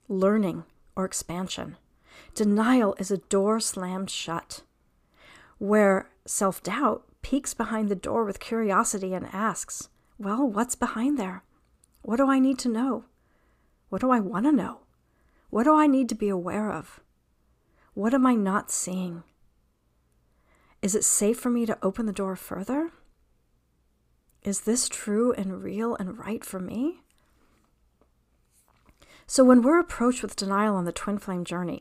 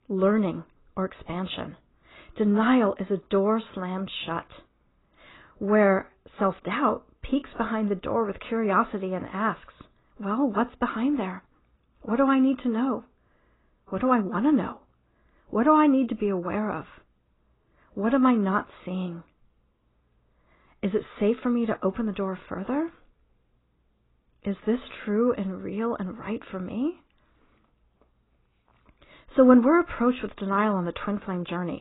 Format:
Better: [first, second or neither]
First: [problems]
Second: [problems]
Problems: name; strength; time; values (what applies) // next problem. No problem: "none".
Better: first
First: none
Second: garbled, watery; badly; nothing above 4 kHz